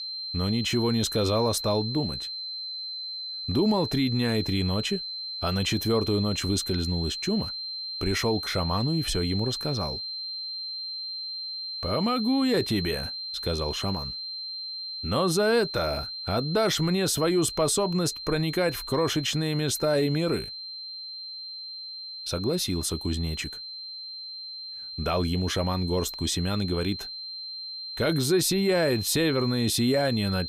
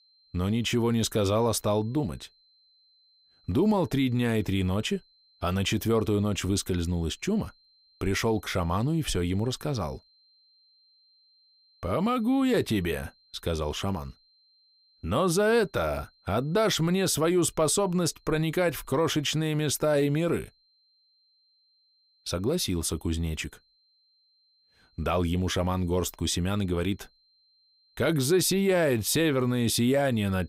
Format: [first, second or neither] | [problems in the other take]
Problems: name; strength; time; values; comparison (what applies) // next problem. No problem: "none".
second | high-pitched whine; loud; throughout; 4 kHz, 6 dB below the speech; faint in the second